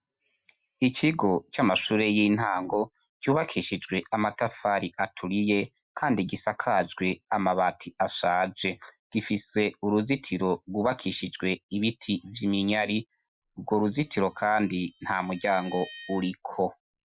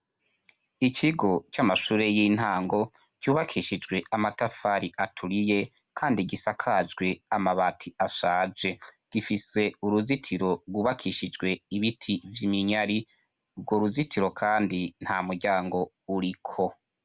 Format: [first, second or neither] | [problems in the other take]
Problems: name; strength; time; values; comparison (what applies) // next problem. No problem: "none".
second | noise reduction (classical method Wiener filter)